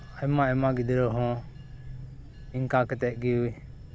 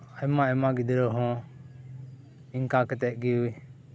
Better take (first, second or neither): second